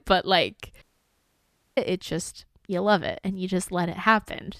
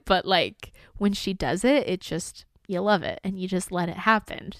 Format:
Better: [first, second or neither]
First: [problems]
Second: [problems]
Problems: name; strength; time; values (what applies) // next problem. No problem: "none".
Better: second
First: audio cutting out; at 1 s for 1 s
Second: none